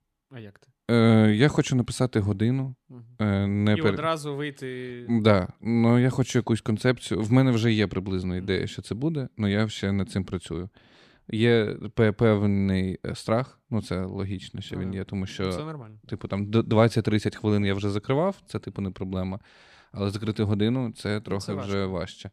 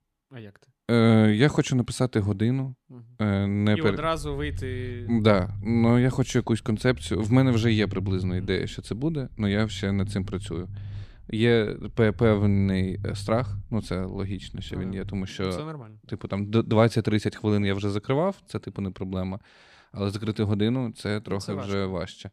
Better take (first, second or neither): first